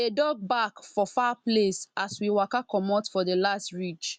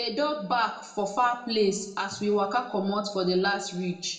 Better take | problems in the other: first | room echo; dies away in 0.6 s

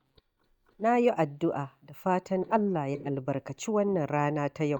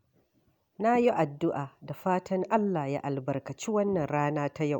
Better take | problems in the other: second | noise reduction (neural mask model DeepFilterNet 3)

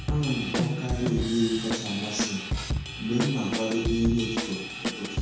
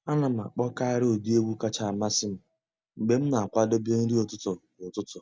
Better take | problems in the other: second | background sound (Drum / Drum kit); 2 dB below the speech // room echo; dies away in 0.6 s

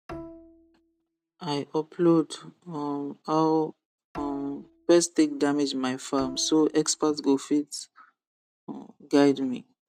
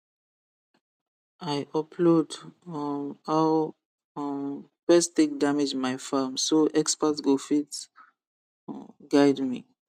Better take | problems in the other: second | background sound (Bowed string instrument); 19 dB below the speech

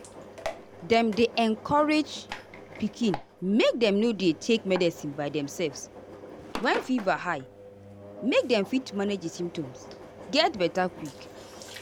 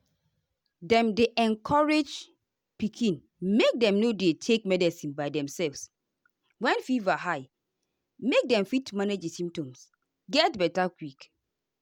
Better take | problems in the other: second | background sound (Engine); 15 dB below the speech

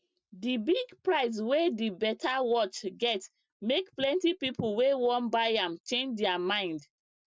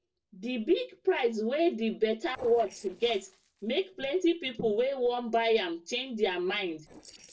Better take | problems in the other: first | noise reduction (neural separator model SepFormer DNS4)

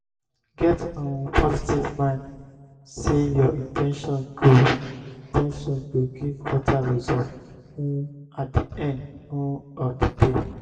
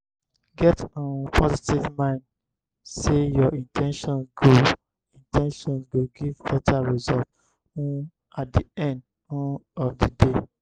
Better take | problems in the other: second | room echo; dies away in 1.2 s

